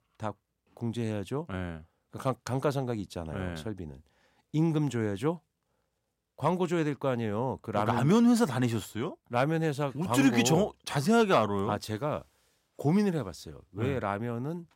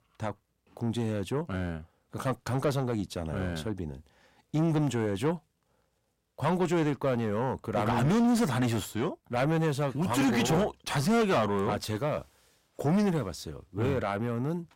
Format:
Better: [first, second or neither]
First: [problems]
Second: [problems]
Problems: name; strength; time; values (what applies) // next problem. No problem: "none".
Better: first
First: none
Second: distortion; heavy; 7 dB below the speech